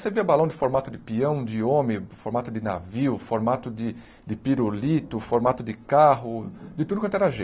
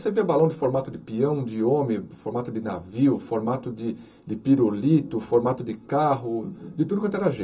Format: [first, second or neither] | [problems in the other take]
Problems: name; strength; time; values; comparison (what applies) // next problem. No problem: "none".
first | room echo; dies away in 0.2 s